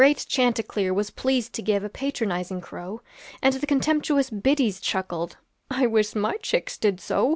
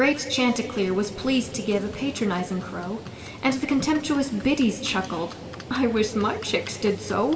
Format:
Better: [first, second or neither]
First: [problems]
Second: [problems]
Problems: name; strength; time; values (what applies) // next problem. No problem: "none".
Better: first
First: none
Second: background sound (Livestock, farm animals, working animals); 15 dB below the speech // room echo; dies away in 2.2 s